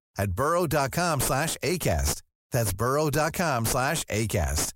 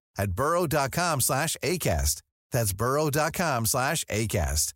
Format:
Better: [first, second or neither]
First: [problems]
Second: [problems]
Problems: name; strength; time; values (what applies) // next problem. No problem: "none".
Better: second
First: distortion; slight; 7 dB below the speech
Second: none